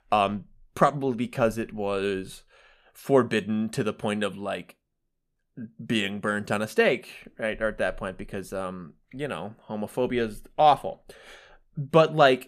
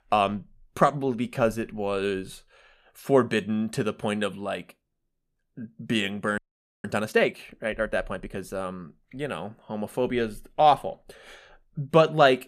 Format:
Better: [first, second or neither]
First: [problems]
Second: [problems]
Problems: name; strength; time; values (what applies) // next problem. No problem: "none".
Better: first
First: none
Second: audio freezing; at 6.5 s